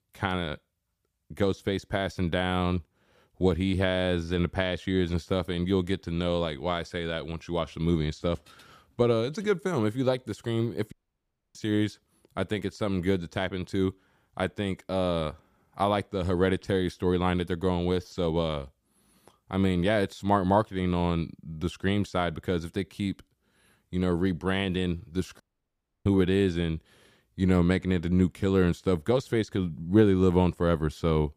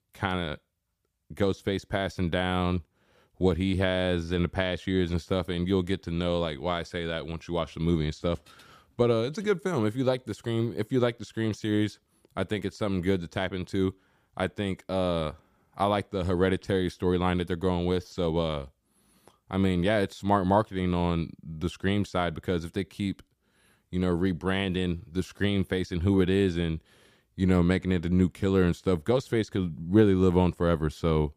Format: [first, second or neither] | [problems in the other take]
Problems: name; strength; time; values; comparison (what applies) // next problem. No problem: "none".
second | audio cutting out; at 11 s for 0.5 s and at 25 s for 0.5 s